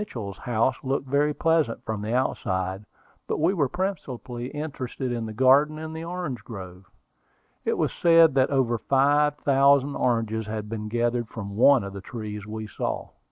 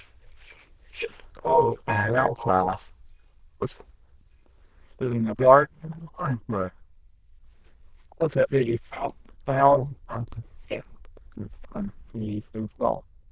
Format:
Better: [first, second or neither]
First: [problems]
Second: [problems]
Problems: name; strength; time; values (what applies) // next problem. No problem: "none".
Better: first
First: none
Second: noise reduction (neural diffusion model UNIVERSE++)